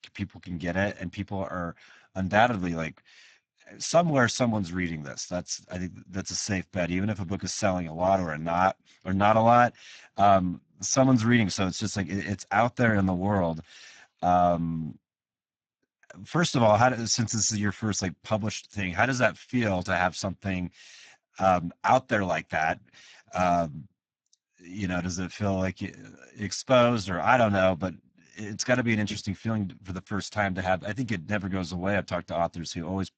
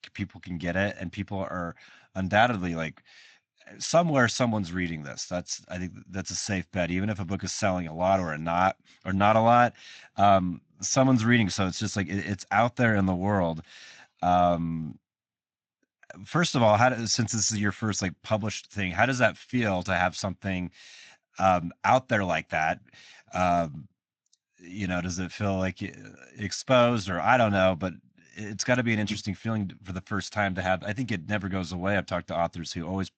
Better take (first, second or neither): second